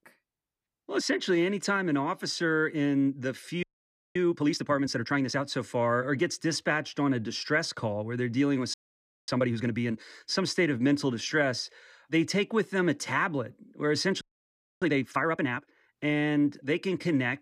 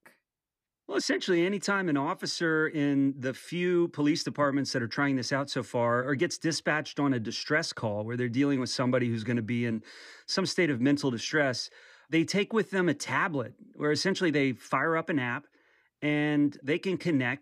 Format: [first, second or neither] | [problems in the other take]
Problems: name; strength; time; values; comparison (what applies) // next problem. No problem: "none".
second | audio freezing; at 3.5 s for 0.5 s, at 8.5 s for 0.5 s and at 14 s for 0.5 s